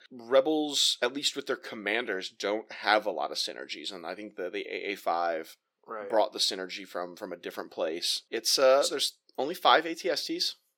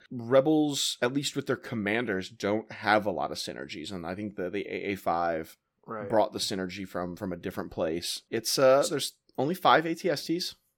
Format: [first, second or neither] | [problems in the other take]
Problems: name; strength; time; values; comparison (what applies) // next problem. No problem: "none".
second | thin; somewhat; fading below 400 Hz